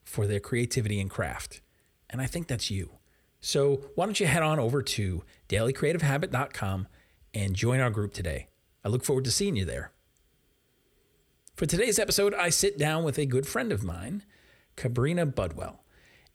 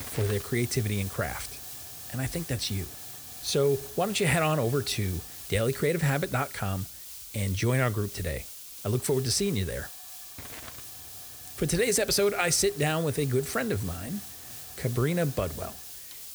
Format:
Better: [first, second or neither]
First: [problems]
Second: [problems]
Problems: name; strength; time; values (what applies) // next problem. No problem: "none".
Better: first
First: none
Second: hiss; noticeable; throughout; 10 dB below the speech